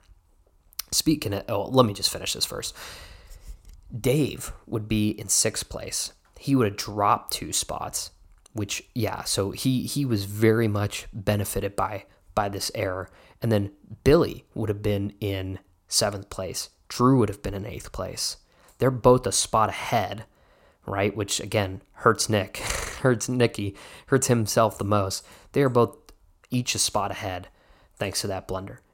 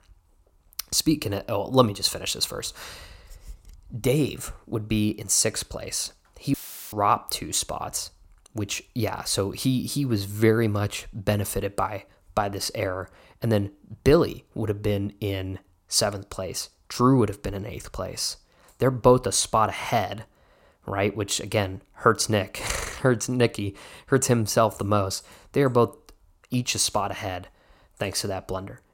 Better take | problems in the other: first | audio cutting out; filled with static; at 6.5 s

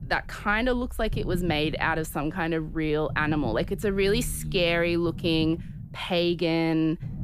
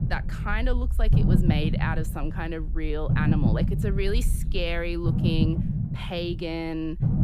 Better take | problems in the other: first | low rumble; loud; throughout; 4 dB below the speech; faint in the first

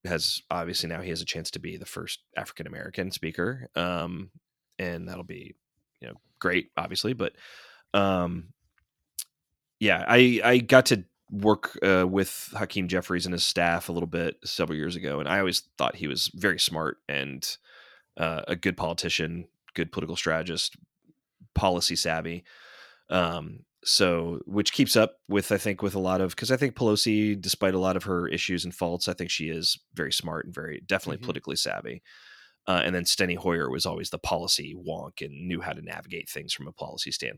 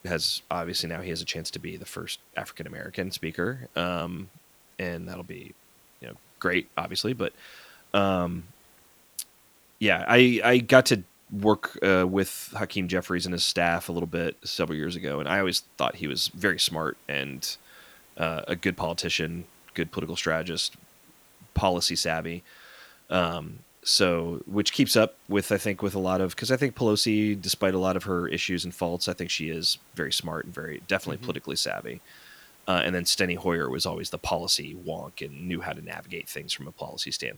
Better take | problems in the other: first | hiss; faint; throughout; 30 dB below the speech

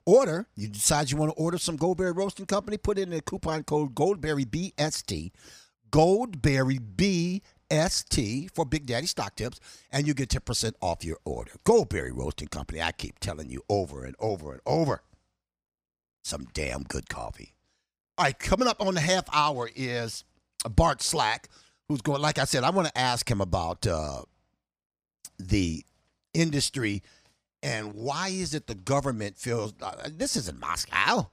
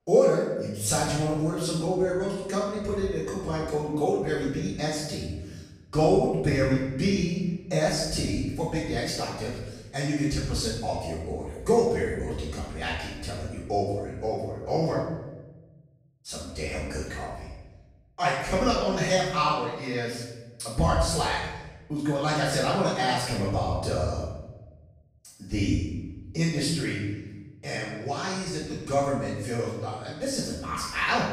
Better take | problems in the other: first | room echo; strong; dies away in 1 s // off-mic speech; far

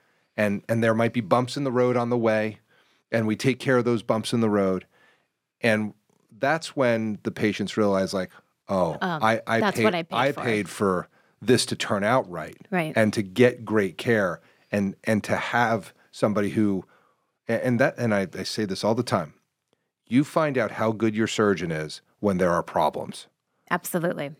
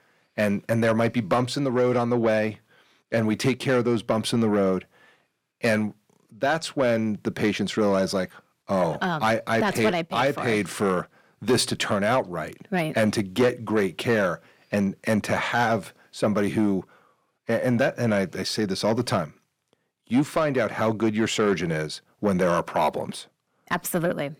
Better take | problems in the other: first | distortion; slight; 10 dB below the speech

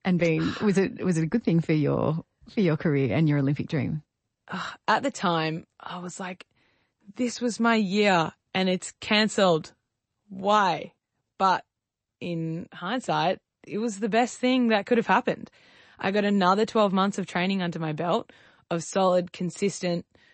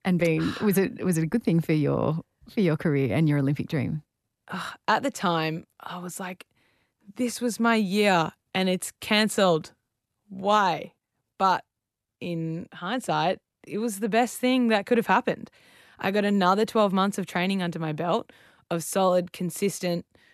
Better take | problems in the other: second | garbled, watery; slightly; nothing above 8 kHz

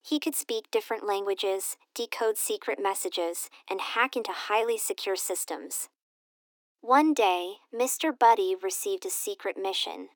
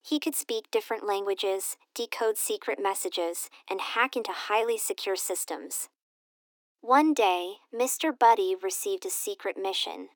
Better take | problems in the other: neither | thin; somewhat; fading below 300 Hz; the same in both

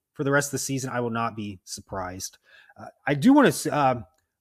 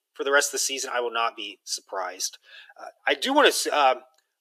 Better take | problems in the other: first | thin; very; fading below 350 Hz

